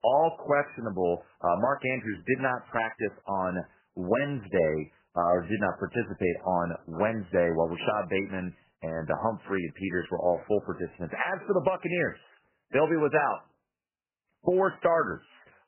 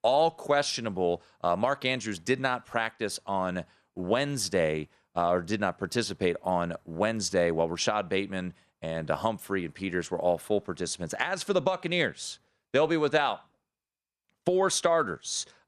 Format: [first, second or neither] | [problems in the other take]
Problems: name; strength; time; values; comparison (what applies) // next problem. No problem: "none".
second | garbled, watery; badly; nothing above 3 kHz